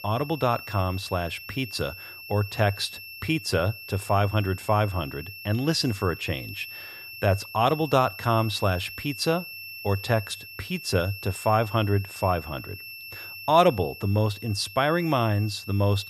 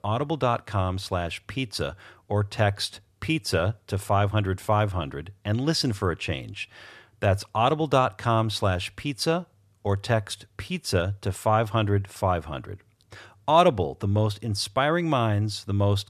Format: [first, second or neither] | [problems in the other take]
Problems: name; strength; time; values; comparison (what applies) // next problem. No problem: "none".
second | high-pitched whine; noticeable; throughout; 2.5 kHz, 15 dB below the speech